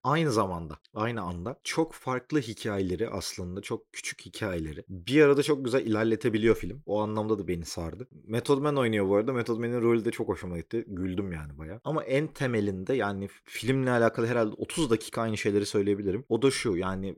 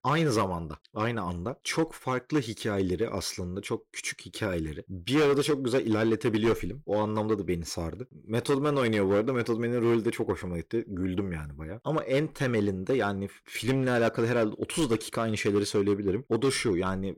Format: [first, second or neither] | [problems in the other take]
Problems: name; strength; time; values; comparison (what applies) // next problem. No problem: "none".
first | distortion; slight; 6% of the sound clipped